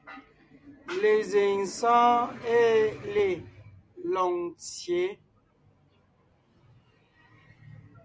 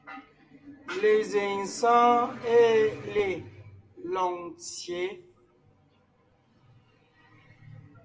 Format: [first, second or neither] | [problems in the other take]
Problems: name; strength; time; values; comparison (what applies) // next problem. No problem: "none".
first | room echo; dies away in 0.5 s